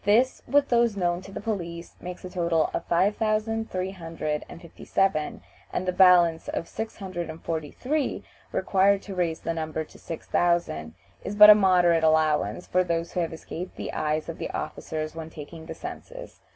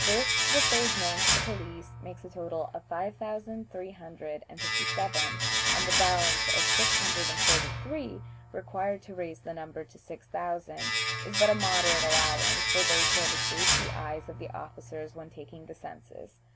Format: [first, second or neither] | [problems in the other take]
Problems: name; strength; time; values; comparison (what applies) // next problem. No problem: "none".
first | background sound (Domestic sounds, home sounds); 5 dB above the speech